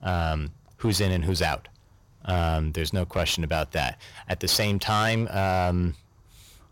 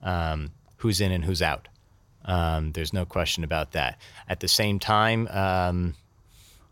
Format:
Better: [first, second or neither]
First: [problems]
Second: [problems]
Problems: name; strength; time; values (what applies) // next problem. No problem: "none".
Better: second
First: distortion; slight; 11% of the sound clipped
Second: none